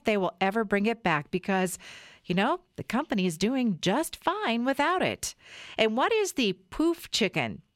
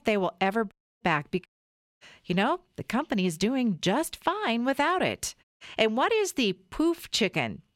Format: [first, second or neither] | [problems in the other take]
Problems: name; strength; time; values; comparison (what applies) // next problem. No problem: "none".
first | audio cutting out; at 0.5 s, at 1.5 s for 0.5 s and at 5.5 s